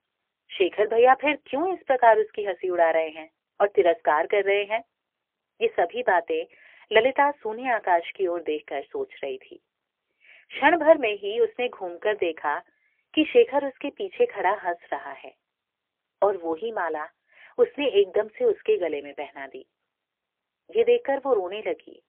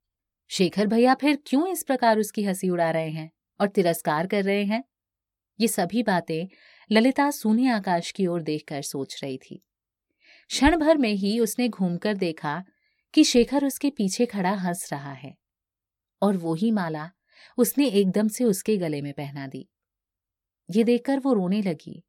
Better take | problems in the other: second | phone-call audio; poor line; nothing above 3 kHz

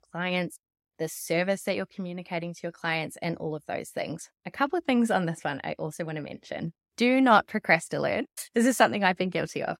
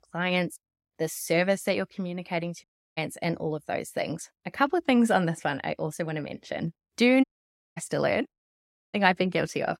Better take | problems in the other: first | audio cutting out; at 2.5 s, at 7 s for 0.5 s and at 8.5 s for 0.5 s

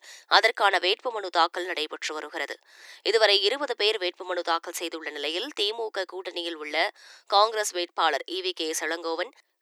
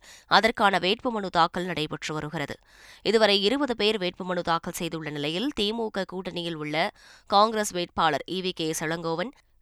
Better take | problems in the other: second | thin; very; fading below 350 Hz

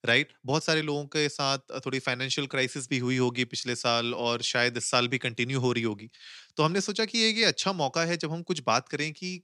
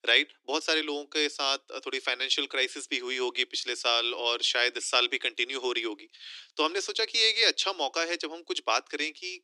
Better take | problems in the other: first | thin; somewhat; fading below 300 Hz

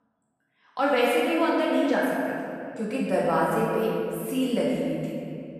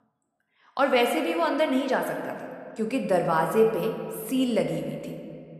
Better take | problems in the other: second | room echo; strong; dies away in 2.4 s; slight in the second // off-mic speech; far

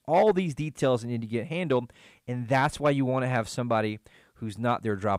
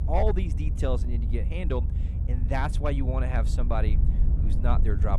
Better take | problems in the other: first | low rumble; noticeable; throughout; 10 dB below the speech

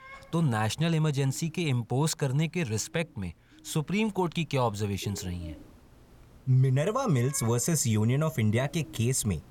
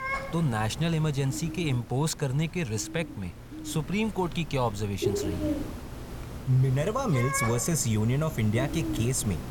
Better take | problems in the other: first | animal sounds; loud; throughout; 8 dB below the speech; faint in the first

